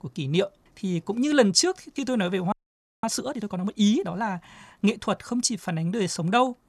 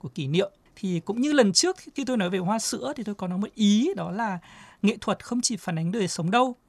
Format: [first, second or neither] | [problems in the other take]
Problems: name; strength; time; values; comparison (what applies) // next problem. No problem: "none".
second | audio freezing; at 2.5 s for 0.5 s